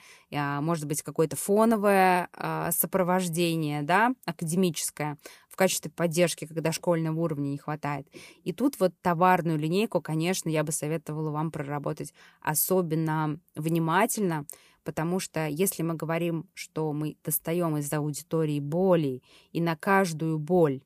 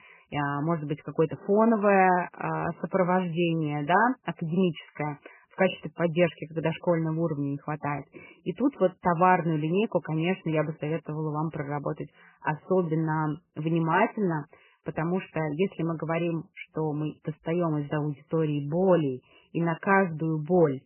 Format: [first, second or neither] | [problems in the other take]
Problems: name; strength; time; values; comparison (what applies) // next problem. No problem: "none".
first | garbled, watery; badly; nothing above 3 kHz